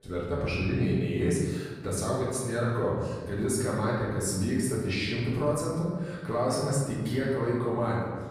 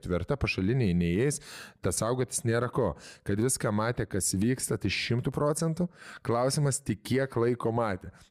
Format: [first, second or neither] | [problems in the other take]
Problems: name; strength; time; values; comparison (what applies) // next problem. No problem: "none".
second | room echo; noticeable; dies away in 1.4 s // off-mic speech; far